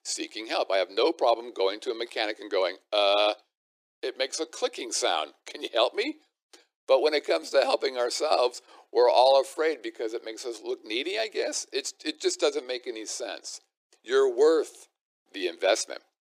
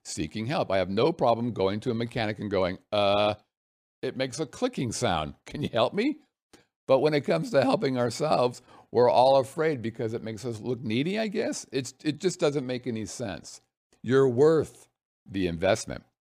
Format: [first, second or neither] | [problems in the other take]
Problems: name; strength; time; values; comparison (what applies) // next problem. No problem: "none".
second | thin; very; fading below 350 Hz